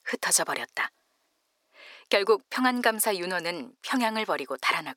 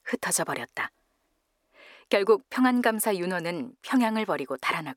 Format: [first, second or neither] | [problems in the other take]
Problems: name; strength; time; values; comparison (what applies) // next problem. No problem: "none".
second | thin; very slightly; fading below 500 Hz